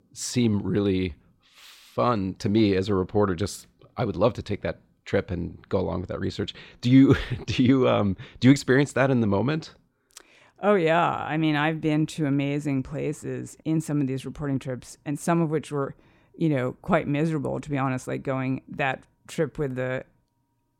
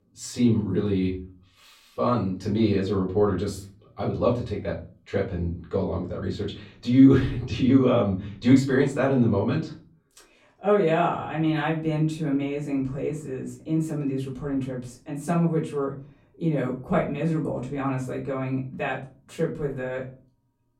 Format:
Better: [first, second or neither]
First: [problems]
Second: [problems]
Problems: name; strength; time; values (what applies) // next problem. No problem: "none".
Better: first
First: none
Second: off-mic speech; far // room echo; slight; dies away in 0.4 s